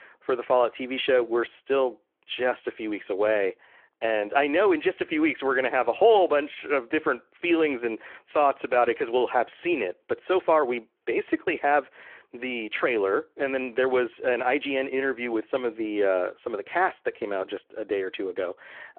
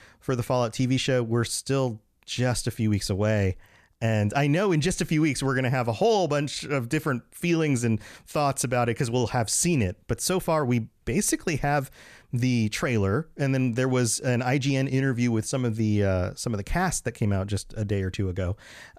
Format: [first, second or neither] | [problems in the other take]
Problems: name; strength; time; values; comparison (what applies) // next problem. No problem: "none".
second | phone-call audio